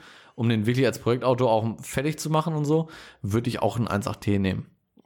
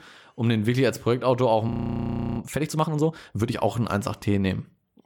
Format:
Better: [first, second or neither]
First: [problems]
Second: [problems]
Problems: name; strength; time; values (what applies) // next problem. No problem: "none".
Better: first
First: none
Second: audio freezing; at 1.5 s for 0.5 s